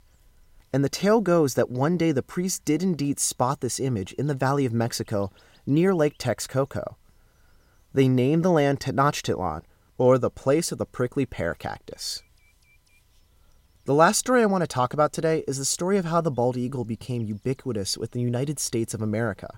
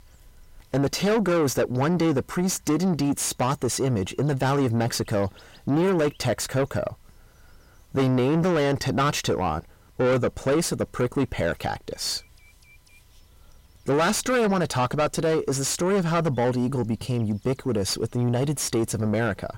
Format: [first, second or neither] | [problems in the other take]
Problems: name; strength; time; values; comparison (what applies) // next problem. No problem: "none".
first | distortion; heavy; 6 dB below the speech